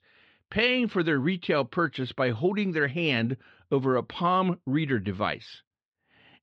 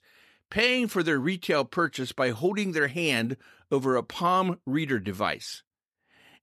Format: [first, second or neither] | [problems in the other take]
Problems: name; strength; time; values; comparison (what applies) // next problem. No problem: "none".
second | muffled; very slightly; fading above 3.5 kHz